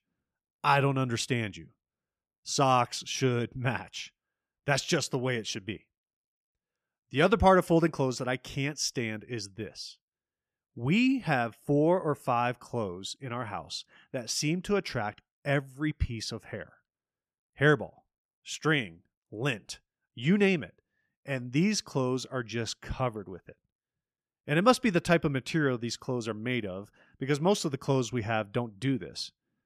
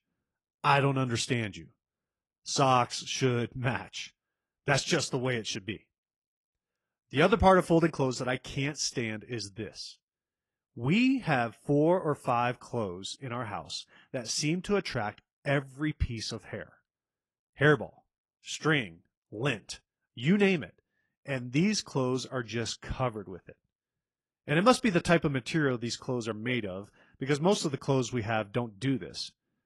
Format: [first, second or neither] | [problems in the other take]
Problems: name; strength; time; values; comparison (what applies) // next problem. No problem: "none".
first | garbled, watery; slightly; nothing above 11 kHz